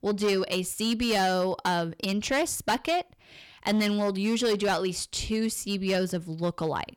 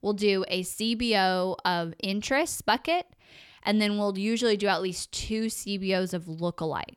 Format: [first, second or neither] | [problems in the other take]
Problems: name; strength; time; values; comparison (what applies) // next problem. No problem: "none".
second | distortion; slight; 9% of the sound clipped